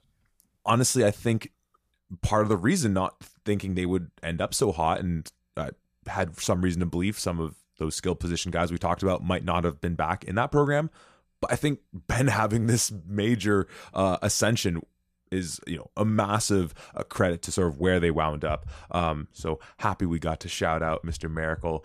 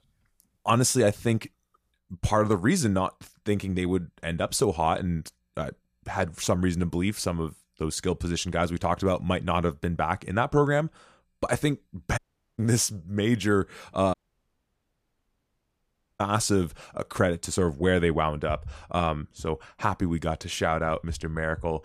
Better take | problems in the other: first | audio cutting out; at 12 s and at 14 s for 2 s

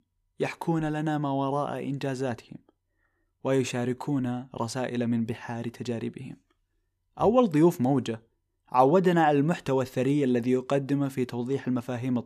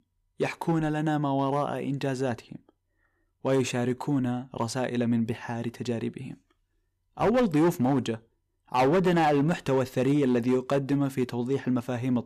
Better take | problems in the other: first | distortion; slight; 5% of the sound clipped

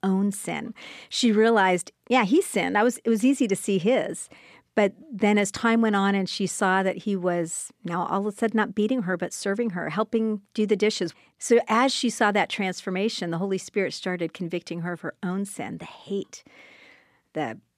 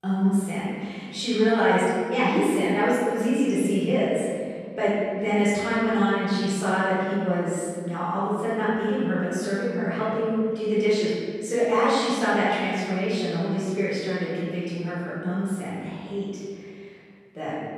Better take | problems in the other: first | off-mic speech; far // room echo; strong; dies away in 2.1 s

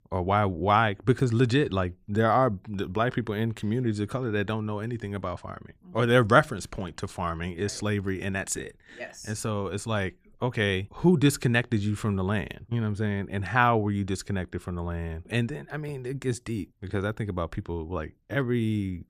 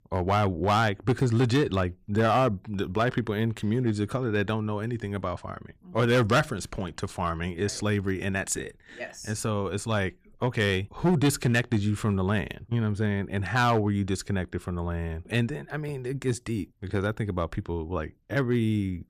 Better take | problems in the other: first | distortion; slight; 3% of the sound clipped

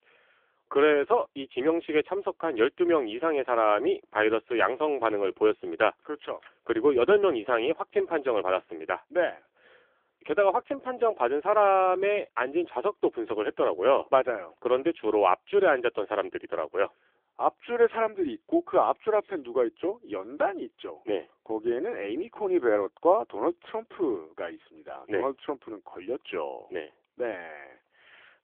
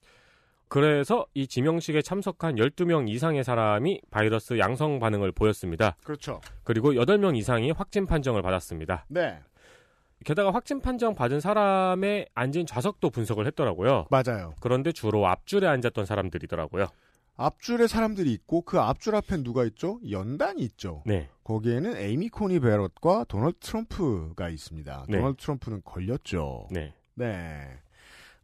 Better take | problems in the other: second | phone-call audio; poor line; nothing above 3.5 kHz

